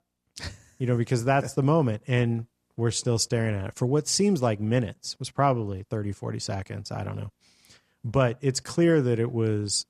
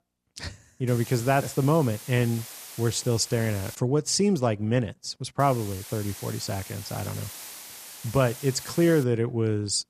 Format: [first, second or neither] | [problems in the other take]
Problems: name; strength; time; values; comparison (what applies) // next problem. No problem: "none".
first | hiss; noticeable; from 1 to 4 s and from 5.5 to 9 s; 15 dB below the speech